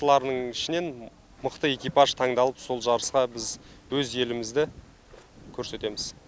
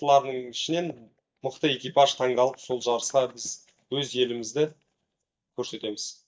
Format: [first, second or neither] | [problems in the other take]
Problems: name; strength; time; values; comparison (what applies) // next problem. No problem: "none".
first | noise reduction (neural mask model DeepFilterNet 3)